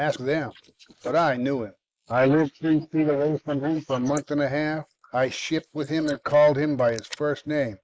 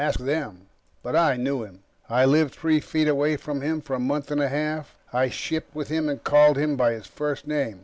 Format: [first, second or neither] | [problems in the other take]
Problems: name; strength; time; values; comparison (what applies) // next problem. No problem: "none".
second | noise reduction (neural mask model Resemble Enhance denoiser)